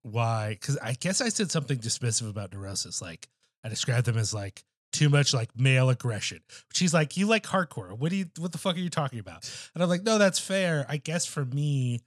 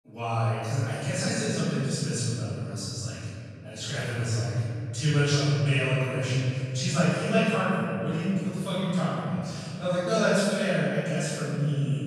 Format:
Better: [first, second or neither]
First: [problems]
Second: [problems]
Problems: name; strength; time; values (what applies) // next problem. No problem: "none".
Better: first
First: none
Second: off-mic speech; far // room echo; strong; dies away in 2.9 s